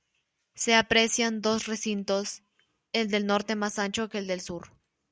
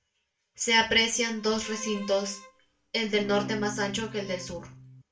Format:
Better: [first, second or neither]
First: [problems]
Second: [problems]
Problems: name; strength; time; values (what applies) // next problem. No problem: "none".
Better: first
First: none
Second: background sound (Bowed string instrument); 13 dB below the speech // room echo; dies away in 0.3 s